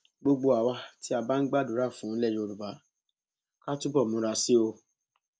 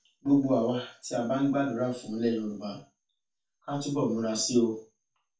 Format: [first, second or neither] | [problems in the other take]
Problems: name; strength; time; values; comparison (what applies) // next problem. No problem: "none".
first | room echo; dies away in 0.3 s